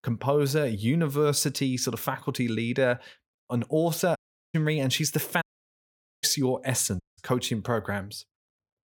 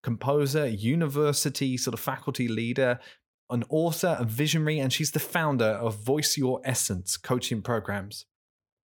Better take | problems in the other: second | audio cutting out; at 4 s, at 5.5 s for 1 s and at 7 s

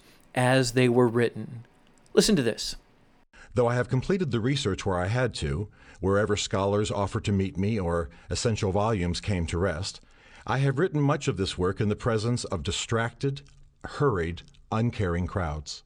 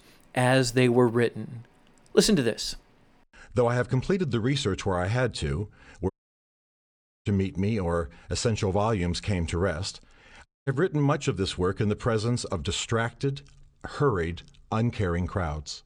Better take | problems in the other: first | audio cutting out; at 6 s for 1 s and at 10 s

